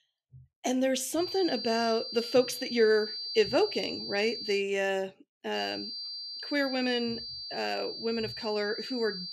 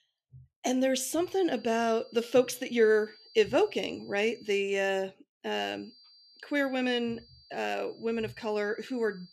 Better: second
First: high-pitched whine; loud; from 1 to 4.5 s and from 5.5 s on; 4.5 kHz, 6 dB below the speech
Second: high-pitched whine; faint; from 1 to 4.5 s and from 5.5 s on; 4.5 kHz, 25 dB below the speech

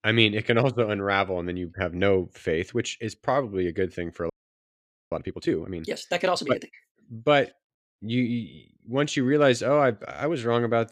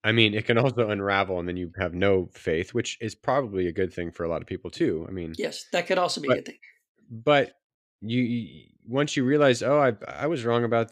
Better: second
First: audio freezing; at 4.5 s for 1 s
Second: none

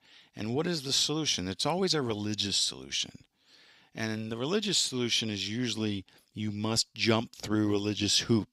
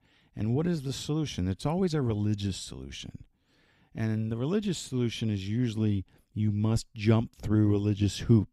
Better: second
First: thin; somewhat; fading below 550 Hz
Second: none

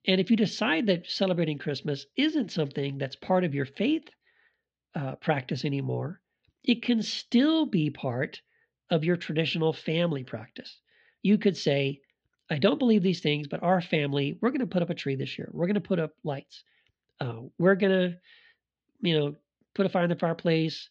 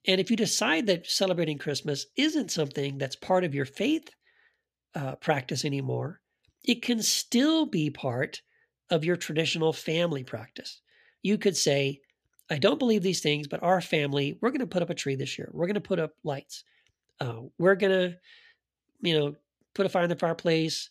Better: second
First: muffled; very slightly; fading above 4.5 kHz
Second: none

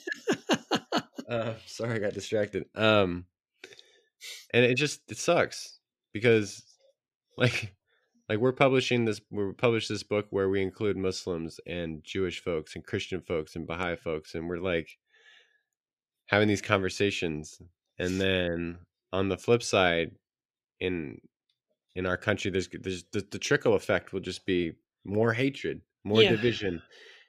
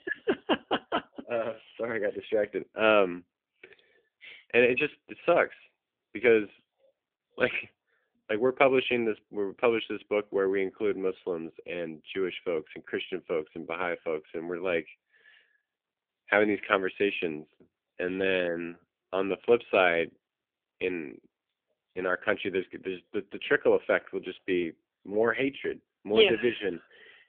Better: first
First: none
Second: phone-call audio; nothing above 3.5 kHz

